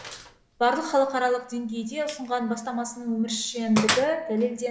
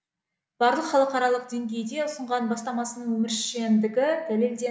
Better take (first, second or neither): second